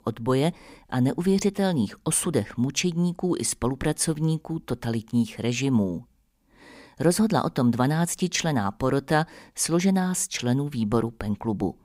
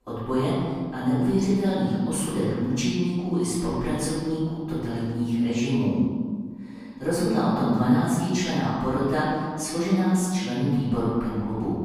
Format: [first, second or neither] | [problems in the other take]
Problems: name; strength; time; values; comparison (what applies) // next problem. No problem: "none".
first | off-mic speech; far // room echo; strong; dies away in 1.7 s